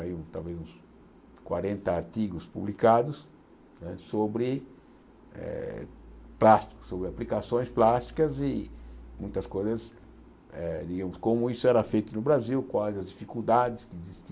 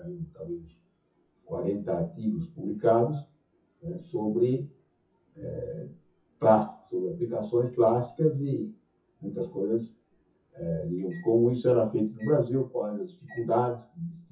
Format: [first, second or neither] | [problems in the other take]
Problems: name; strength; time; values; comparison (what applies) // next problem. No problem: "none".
first | noise reduction (classical method WPE with log-MMSE)